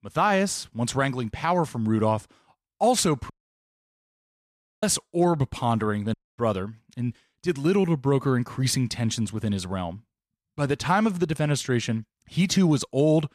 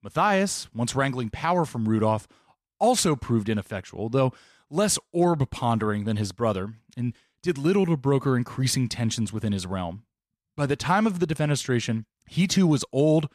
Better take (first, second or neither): second